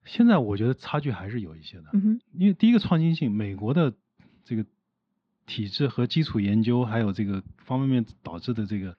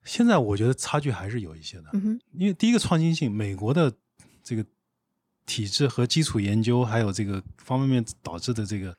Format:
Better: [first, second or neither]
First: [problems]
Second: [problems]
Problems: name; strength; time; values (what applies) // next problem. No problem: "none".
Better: second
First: muffled; very slightly; fading above 4 kHz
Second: none